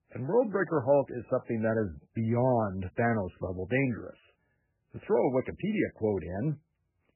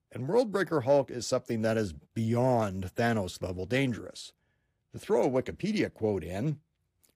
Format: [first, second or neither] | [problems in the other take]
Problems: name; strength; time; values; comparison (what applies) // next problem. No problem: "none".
second | garbled, watery; badly; nothing above 2.5 kHz